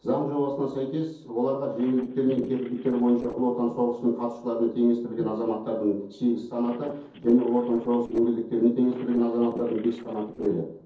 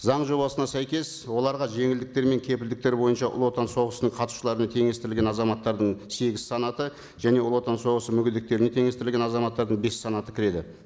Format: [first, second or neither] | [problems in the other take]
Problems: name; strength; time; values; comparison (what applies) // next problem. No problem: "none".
second | noise reduction (neural separator model SepFormer DNS4)